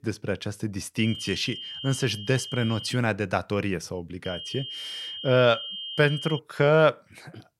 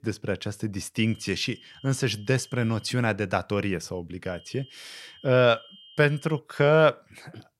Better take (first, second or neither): second